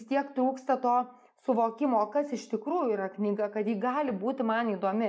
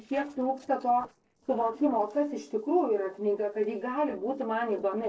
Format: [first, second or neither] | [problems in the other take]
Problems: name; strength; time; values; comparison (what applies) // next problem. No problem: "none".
first | noise reduction (neural separator model SepFormer DNS4)